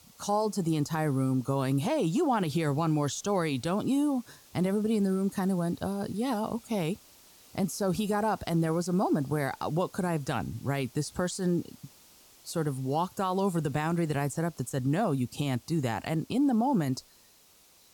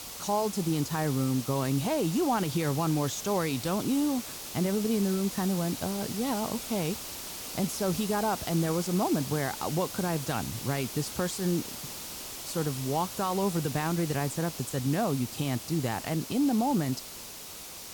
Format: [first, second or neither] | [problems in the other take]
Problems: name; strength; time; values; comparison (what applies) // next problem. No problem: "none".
first | hiss; loud; throughout; 8 dB below the speech; faint in the first